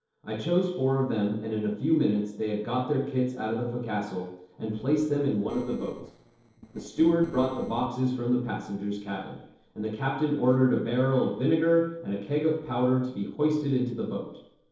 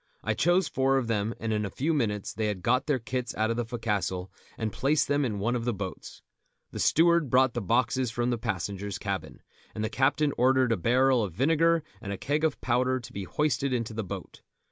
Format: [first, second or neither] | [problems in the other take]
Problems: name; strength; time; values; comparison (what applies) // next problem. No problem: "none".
second | noise reduction (neural separator model SepFormer DNS4)